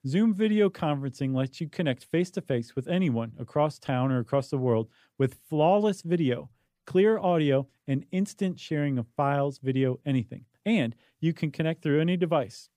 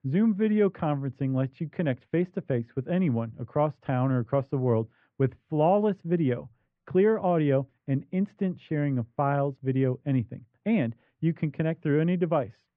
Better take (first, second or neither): first